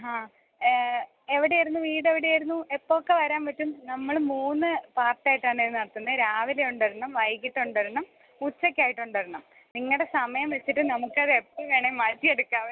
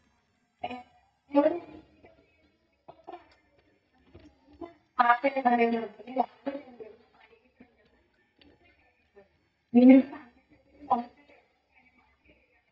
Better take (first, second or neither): first